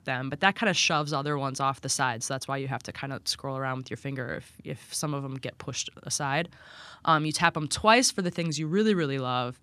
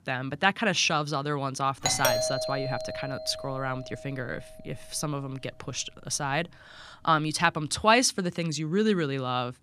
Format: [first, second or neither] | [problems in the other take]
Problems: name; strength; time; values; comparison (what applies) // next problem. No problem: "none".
first | doorbell; loud; from 2 to 5 s; peak 2 dB above the speech